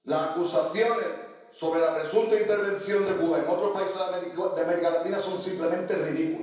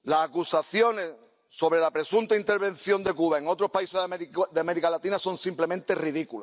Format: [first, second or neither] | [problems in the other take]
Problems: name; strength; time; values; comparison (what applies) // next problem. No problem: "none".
second | room echo; dies away in 0.9 s